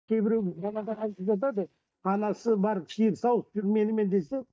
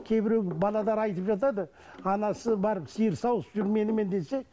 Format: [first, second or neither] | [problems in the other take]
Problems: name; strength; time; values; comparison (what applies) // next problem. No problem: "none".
second | noise reduction (neural mask model DeepFilterNet 3)